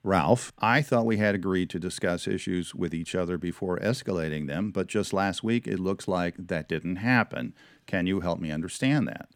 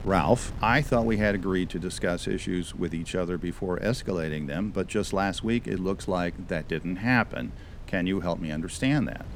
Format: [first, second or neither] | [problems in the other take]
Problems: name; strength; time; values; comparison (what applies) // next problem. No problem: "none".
first | wind noise on the microphone; occasional gusts; 20 dB below the speech